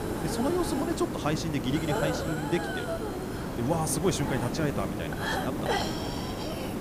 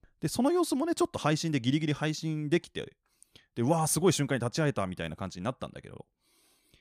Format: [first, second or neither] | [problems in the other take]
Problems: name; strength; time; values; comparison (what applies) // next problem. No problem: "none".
second | hiss; loud; throughout; 1 dB below the speech